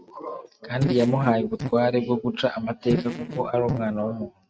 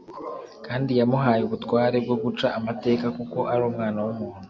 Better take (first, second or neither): second